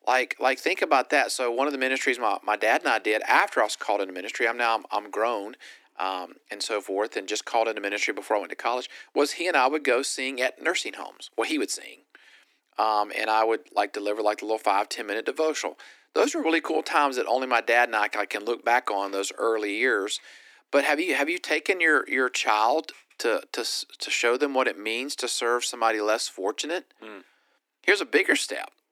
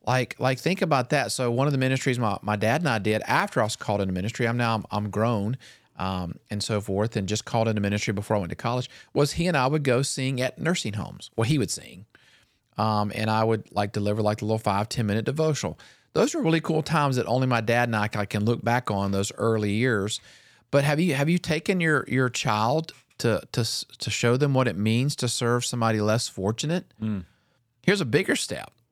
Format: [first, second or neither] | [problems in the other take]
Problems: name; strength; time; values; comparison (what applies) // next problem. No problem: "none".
second | thin; very; fading below 300 Hz